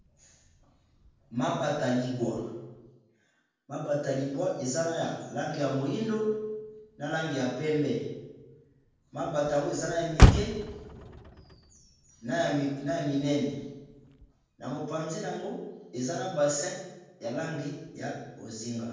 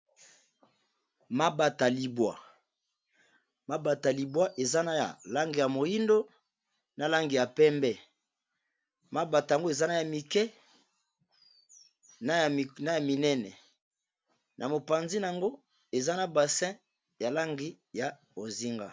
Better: second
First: background sound (Motor vehicle (road)); 2 dB below the speech // room echo; dies away in 1.1 s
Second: none

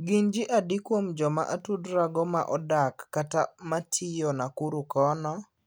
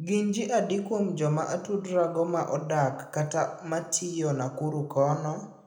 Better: first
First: none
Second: room echo; dies away in 0.7 s

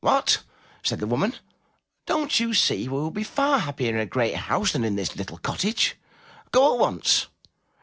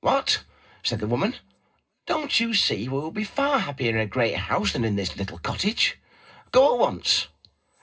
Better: first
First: none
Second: room echo; dies away in 0.2 s

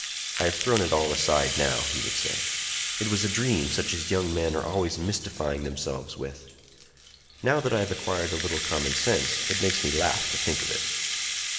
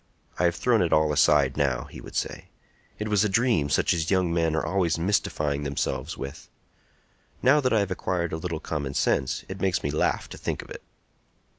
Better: second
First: background sound (Rattle (instrument)); 3 dB below the speech // room echo; dies away in 2.1 s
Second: none

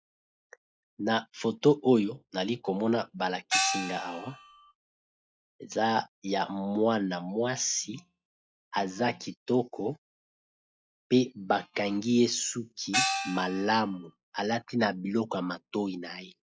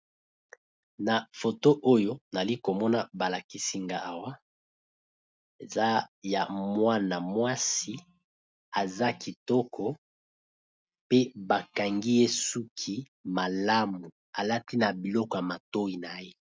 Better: second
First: noise reduction (classical method log-MMSE)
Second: none

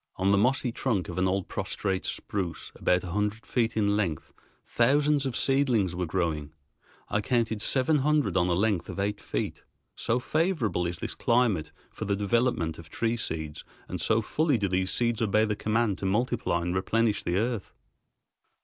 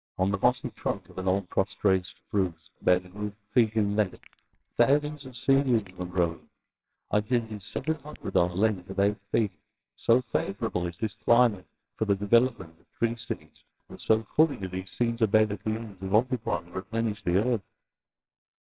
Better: first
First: none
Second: noise reduction (neural separator model SepFormer WHAMR!)

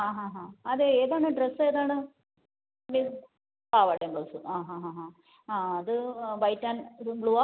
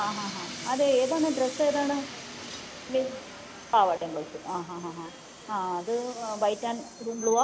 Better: first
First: none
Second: background sound (Train); 12 dB below the speech

